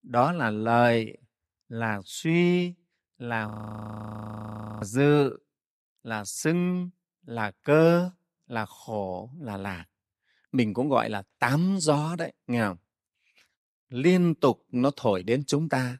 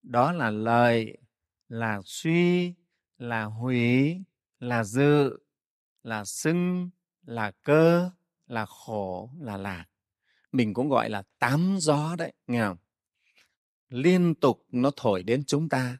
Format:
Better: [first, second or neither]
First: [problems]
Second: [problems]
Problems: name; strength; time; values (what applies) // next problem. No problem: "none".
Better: second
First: audio freezing; at 3.5 s for 1.5 s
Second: none